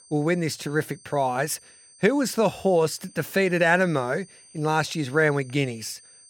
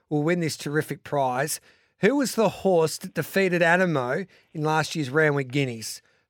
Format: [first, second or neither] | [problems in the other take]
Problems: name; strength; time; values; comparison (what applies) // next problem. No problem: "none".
second | high-pitched whine; faint; throughout; 8.5 kHz, 25 dB below the speech